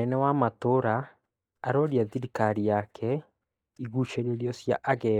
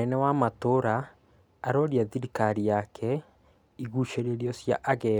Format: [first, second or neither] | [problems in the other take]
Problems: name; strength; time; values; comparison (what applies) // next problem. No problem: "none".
second | noise reduction (neural mask model DeepFilterNet 3)